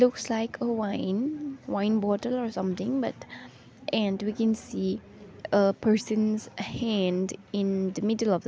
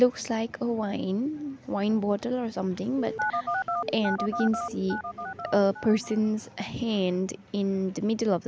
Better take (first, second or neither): first